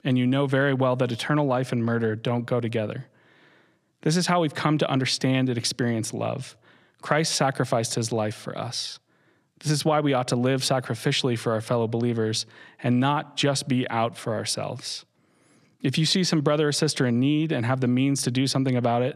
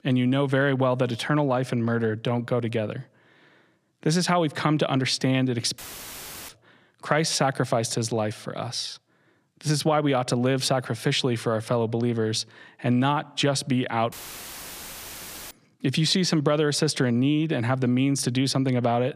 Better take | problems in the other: first | audio cutting out; filled with static; at 6 s for 0.5 s and at 14 s for 1.5 s

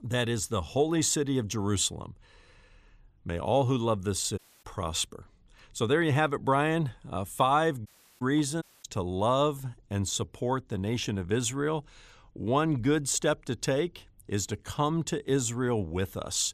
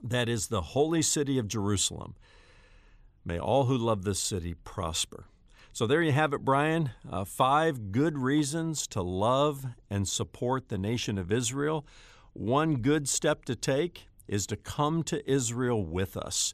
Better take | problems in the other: second | audio cutting out; at 4.5 s, at 8 s and at 8.5 s

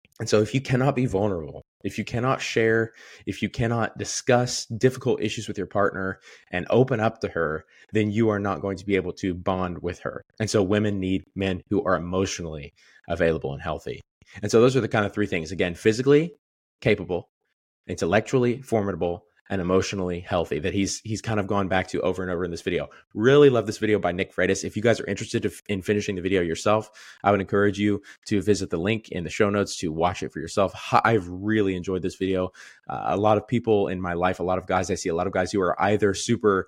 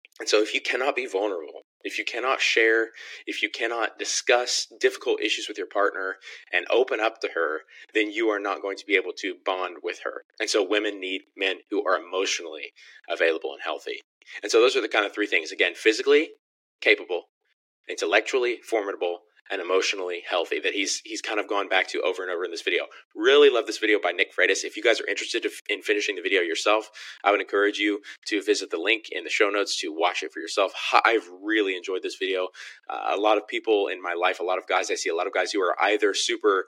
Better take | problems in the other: first | thin; very; fading below 300 Hz

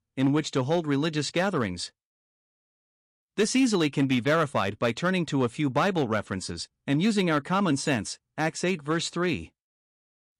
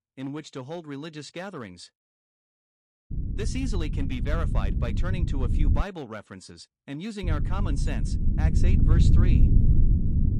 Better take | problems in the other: first | low rumble; loud; from 3 to 6 s and from 7 s on; 2 dB below the speech

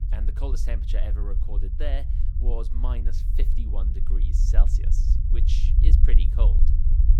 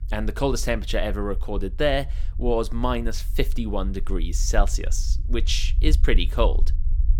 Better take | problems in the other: second | low rumble; loud; throughout; 4 dB below the speech; faint in the second

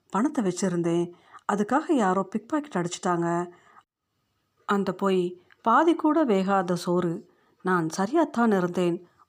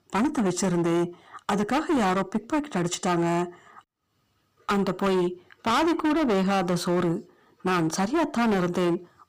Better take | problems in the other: first | distortion; heavy; 21% of the sound clipped

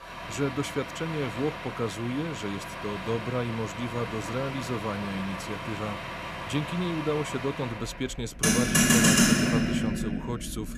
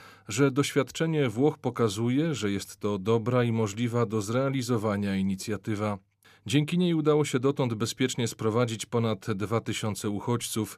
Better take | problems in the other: second | traffic noise; very loud; throughout; 4 dB above the speech

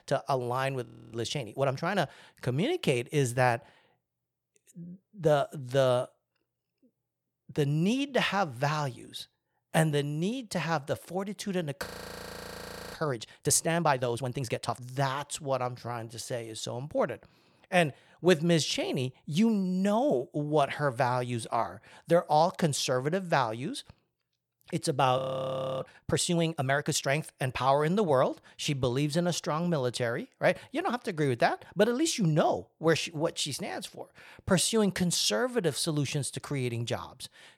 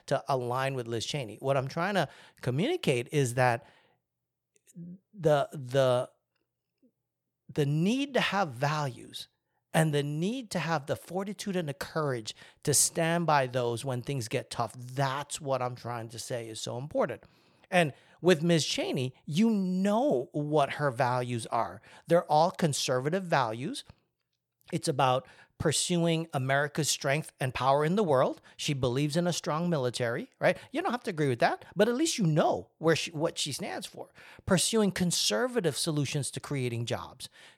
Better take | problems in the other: second | audio freezing; at 1 s, at 12 s for 1 s and at 25 s for 0.5 s

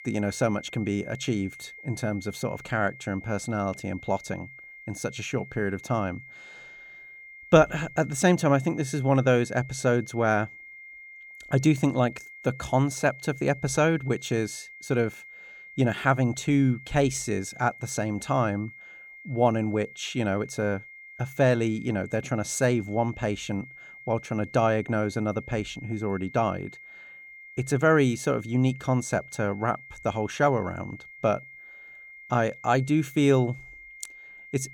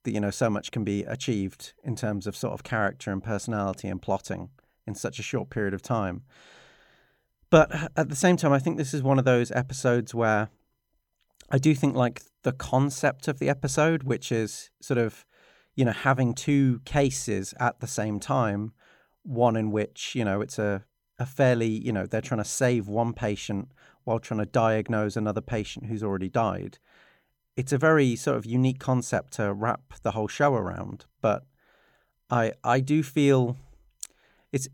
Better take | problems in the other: second | high-pitched whine; noticeable; throughout; 2 kHz, 15 dB below the speech

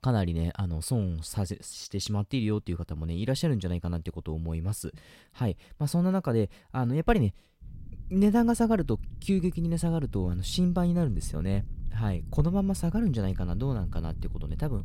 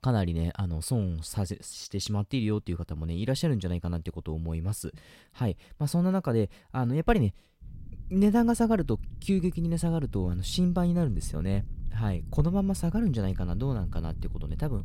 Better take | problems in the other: neither | low rumble; faint; from 7.5 s on; 20 dB below the speech; the same in both

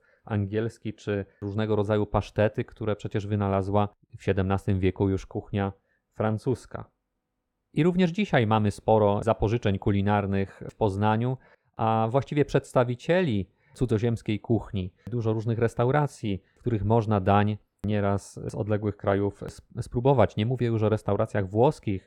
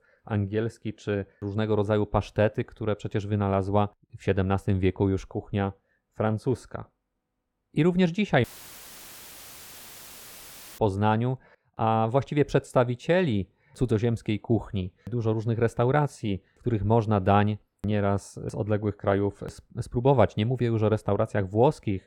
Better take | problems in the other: first | audio cutting out; filled with static; at 8.5 s for 2.5 s

